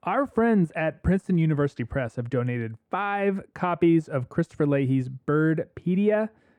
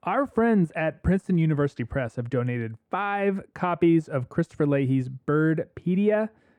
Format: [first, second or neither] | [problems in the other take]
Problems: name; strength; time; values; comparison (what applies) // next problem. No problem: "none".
neither | muffled; very; fading above 2.5 kHz; the same in both